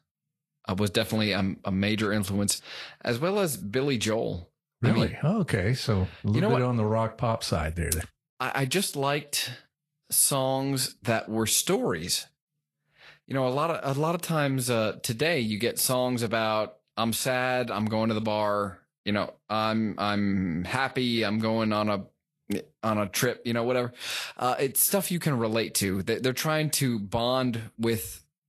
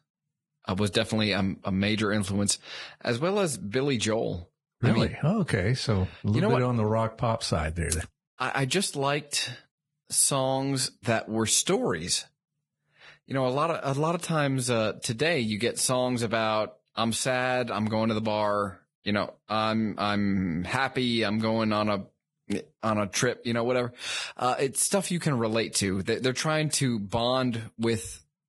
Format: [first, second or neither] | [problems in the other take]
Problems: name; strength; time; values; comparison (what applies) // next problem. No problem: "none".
first | garbled, watery; badly; nothing above 11 kHz; slightly in the first